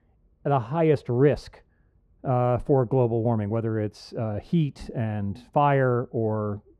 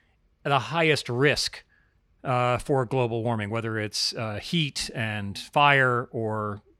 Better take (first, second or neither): second